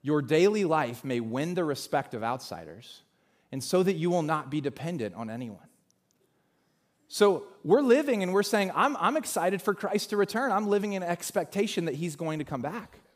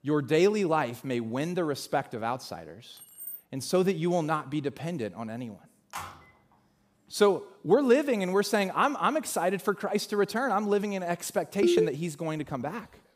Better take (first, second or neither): first